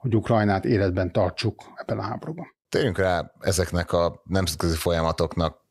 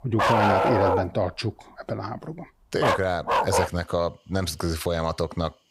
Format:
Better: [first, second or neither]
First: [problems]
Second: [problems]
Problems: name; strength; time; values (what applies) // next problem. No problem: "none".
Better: first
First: none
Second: animal sounds; very loud; throughout; 3 dB above the speech